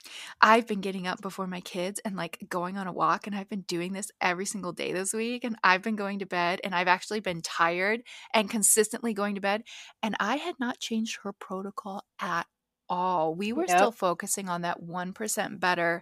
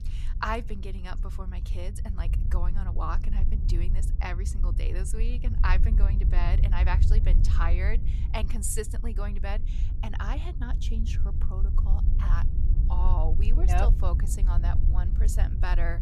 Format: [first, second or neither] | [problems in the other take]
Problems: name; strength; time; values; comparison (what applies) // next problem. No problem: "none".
first | wind noise on the microphone; heavy; 9 dB below the speech